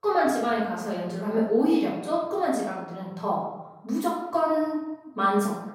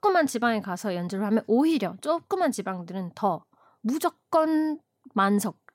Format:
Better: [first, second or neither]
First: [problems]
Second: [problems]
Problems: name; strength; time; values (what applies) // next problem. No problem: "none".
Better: second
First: off-mic speech; far // room echo; noticeable; dies away in 0.9 s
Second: none